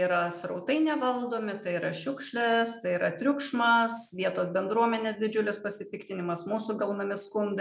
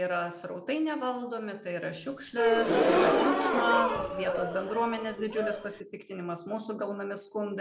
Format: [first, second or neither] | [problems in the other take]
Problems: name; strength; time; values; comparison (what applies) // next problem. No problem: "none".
first | background sound (Gasp); 4 dB above the speech